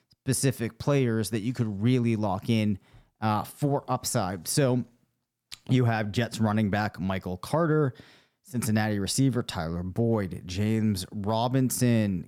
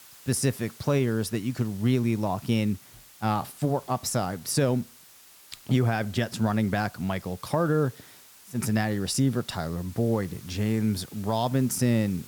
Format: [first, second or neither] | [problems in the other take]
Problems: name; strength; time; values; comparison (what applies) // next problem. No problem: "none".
first | hiss; faint; throughout; 20 dB below the speech